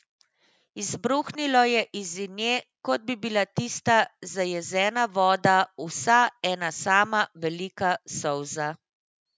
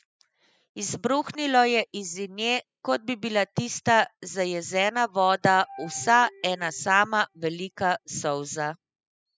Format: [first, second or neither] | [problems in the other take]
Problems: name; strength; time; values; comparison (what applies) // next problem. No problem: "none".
first | noise reduction (classical method spectral subtraction)